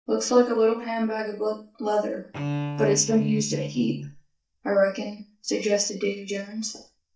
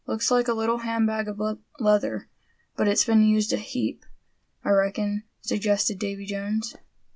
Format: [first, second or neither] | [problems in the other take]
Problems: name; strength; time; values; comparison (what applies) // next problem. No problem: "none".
second | noise reduction (neural mask model DeepFilterNet 3)